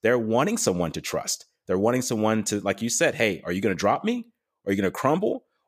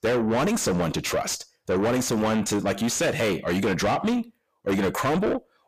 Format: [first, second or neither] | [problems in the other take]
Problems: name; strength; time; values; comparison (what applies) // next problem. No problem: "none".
first | distortion; heavy; 5 dB below the speech